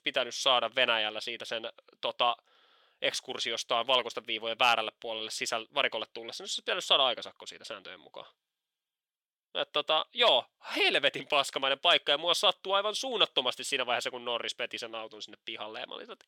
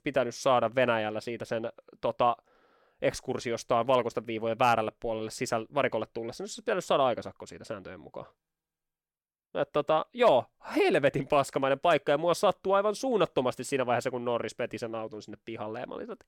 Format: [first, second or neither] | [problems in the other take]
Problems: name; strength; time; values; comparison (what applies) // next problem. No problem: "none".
second | thin; somewhat; fading below 850 Hz